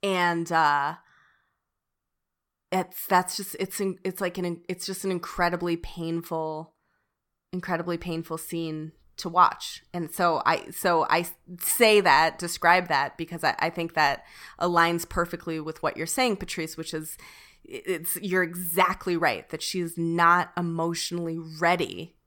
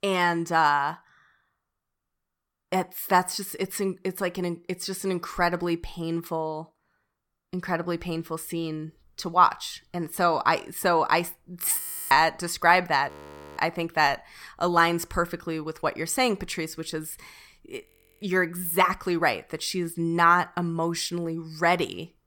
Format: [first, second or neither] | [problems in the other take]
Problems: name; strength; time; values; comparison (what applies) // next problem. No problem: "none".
first | audio freezing; at 12 s, at 13 s and at 18 s